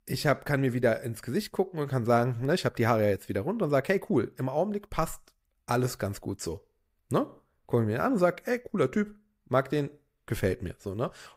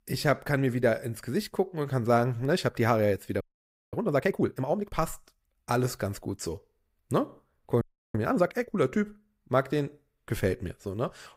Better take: first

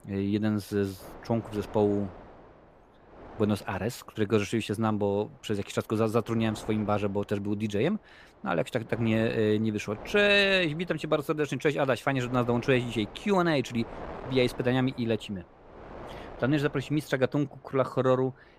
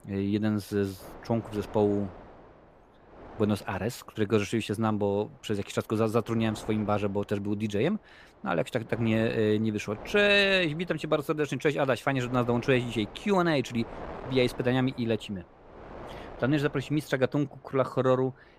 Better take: neither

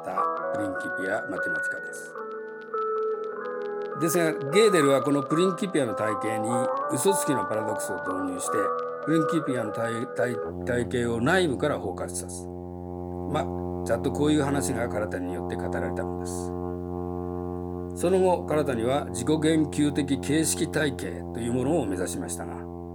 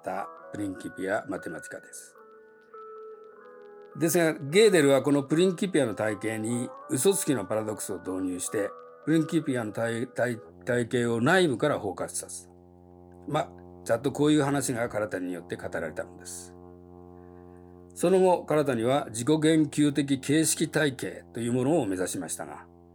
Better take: second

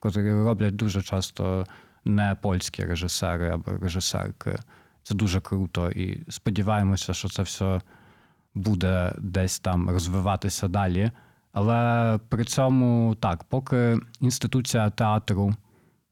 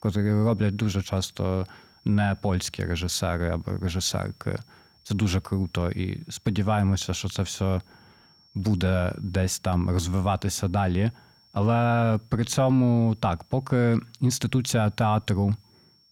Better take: first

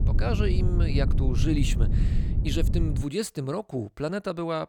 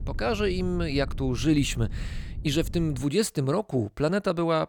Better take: second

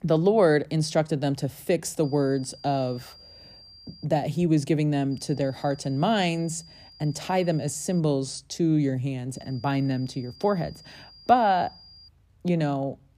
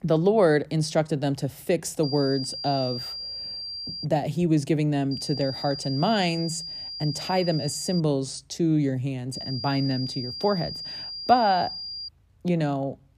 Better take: first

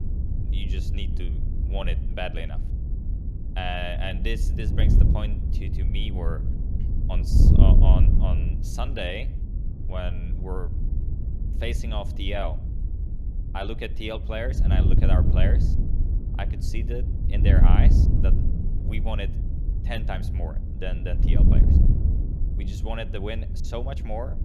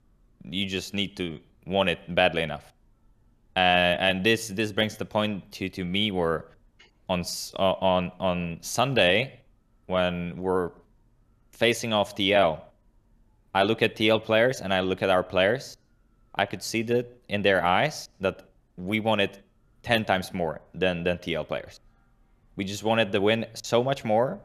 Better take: second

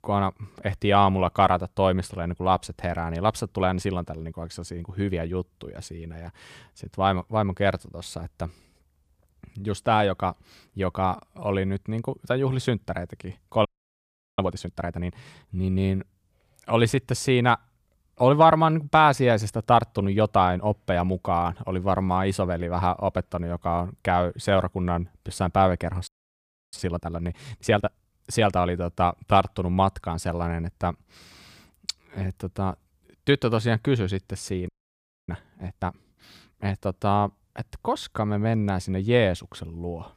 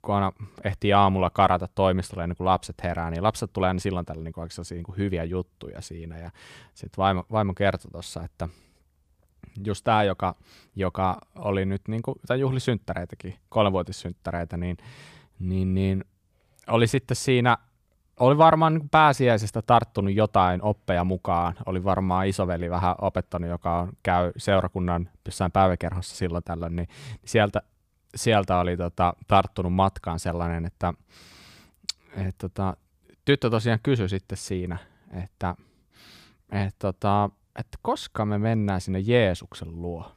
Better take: second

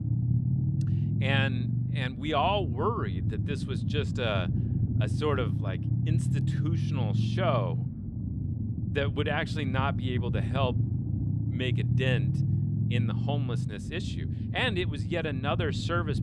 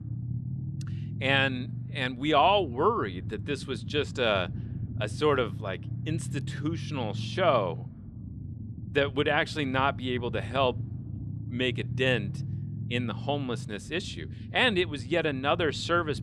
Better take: second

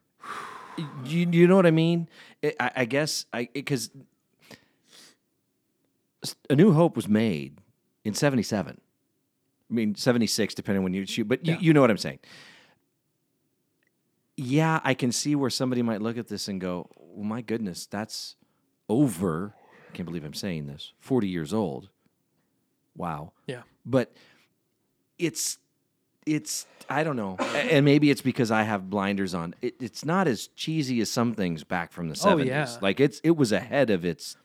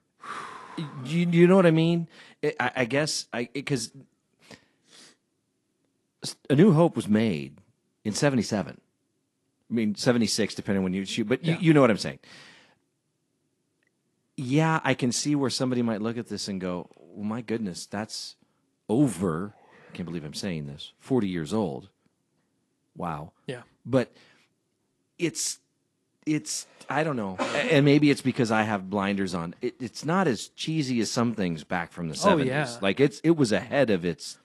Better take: first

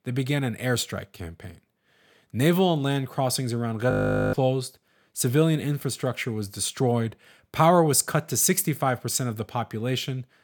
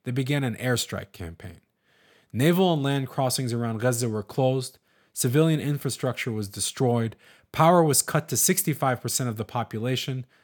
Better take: second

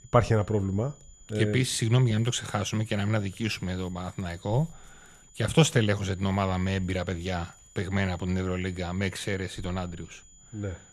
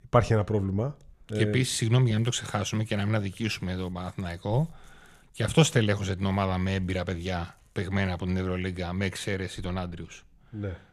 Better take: second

